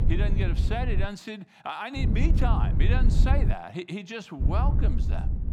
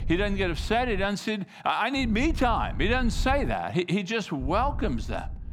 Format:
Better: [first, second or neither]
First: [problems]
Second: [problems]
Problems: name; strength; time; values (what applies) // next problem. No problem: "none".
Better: second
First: low rumble; loud; until 1 s, from 2 to 3.5 s and from 4.5 s on; 6 dB below the speech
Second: low rumble; faint; until 1 s, from 2 to 3.5 s and from 4.5 s on; 25 dB below the speech